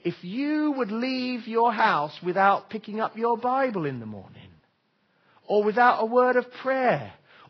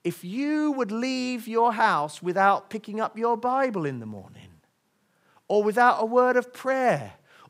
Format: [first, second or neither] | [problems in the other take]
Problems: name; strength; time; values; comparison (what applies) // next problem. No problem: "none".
second | garbled, watery; badly; nothing above 5 kHz